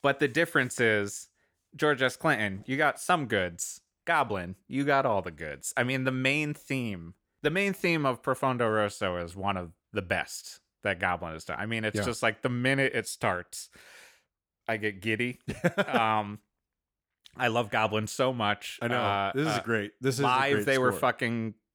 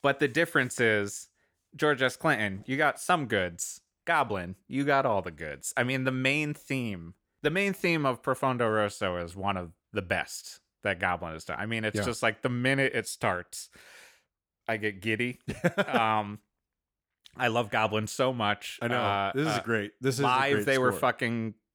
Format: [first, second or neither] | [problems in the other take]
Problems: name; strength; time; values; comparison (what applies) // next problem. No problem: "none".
neither | none